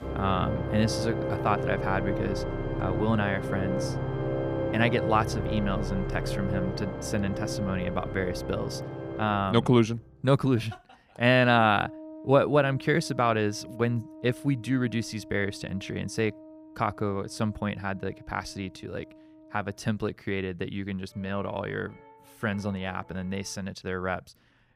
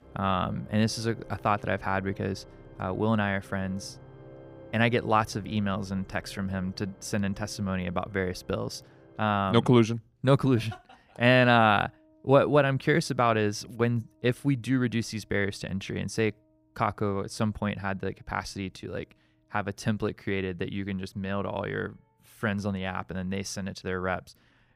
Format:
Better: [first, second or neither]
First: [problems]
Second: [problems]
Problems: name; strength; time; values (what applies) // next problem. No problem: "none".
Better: second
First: background music; loud; throughout; 5 dB below the speech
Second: background music; faint; throughout; 25 dB below the speech